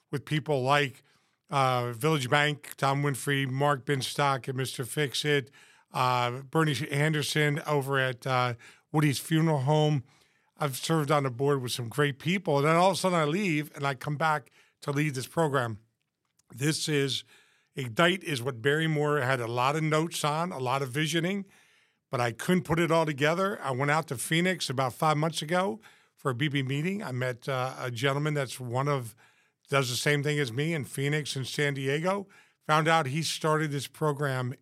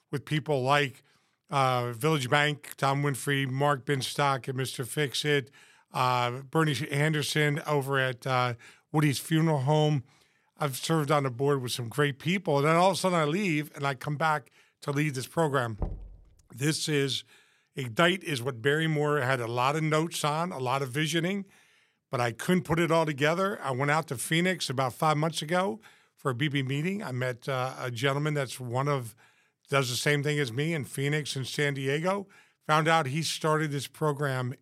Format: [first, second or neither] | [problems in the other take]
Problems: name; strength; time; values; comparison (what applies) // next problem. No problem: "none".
first | door banging; faint; at 16 s; peak 10 dB below the speech